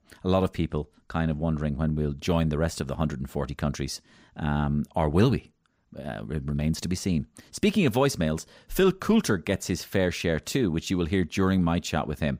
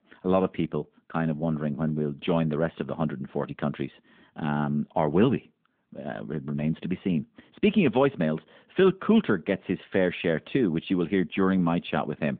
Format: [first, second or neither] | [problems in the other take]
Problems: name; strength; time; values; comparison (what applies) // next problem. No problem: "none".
first | phone-call audio